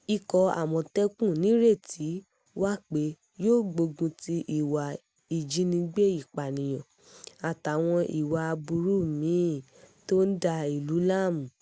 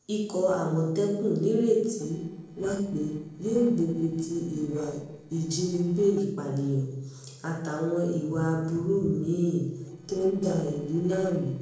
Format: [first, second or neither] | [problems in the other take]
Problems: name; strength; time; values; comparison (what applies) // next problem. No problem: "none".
first | noise reduction (neural separator model SepFormer DNS4)